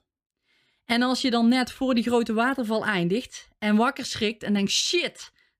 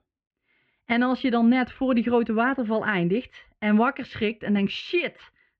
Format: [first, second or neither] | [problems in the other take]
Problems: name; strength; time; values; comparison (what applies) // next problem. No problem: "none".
first | muffled; very; fading above 2.5 kHz